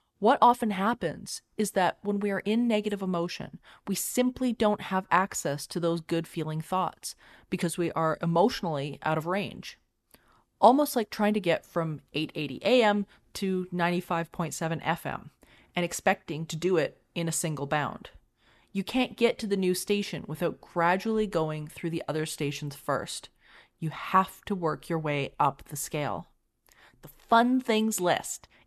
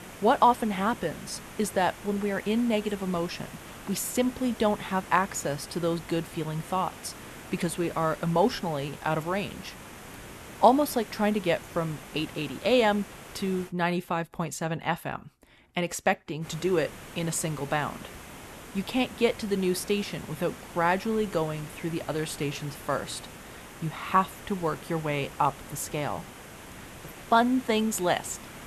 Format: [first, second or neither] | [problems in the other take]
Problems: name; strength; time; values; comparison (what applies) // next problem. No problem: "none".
first | hiss; noticeable; until 14 s and from 16 s on; 15 dB below the speech